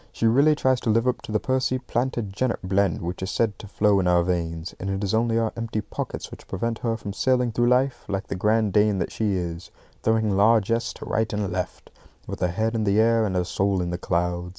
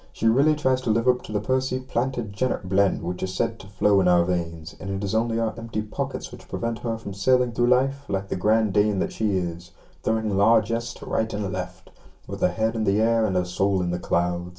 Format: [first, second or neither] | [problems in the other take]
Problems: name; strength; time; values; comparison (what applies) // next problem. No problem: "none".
first | room echo; dies away in 0.2 s